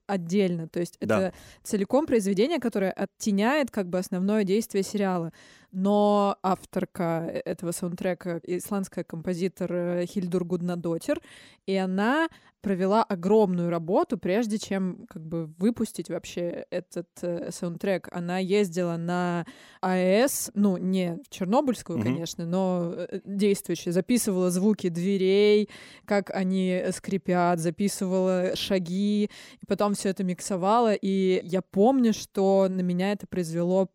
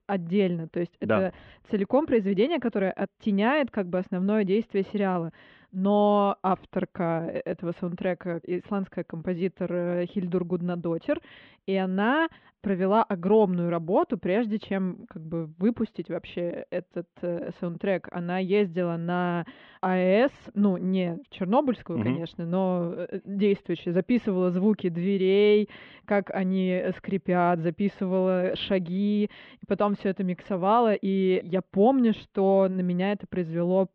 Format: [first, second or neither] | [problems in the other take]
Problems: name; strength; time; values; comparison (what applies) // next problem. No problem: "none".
first | muffled; very; fading above 3.5 kHz